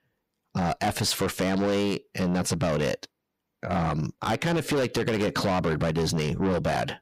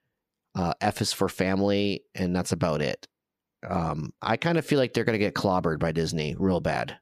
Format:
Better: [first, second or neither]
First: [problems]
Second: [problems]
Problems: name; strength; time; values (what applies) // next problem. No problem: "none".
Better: second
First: distortion; heavy; 6 dB below the speech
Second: none